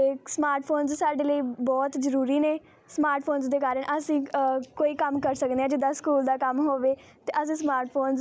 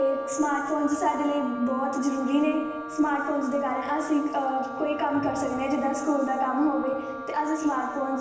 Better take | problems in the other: first | background sound (Wind instrument, woodwind instrument); 11 dB below the speech // room echo; dies away in 1.2 s

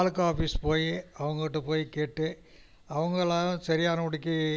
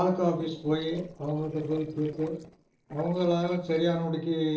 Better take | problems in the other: first | noise reduction (neural separator model SepFormer DNS4)

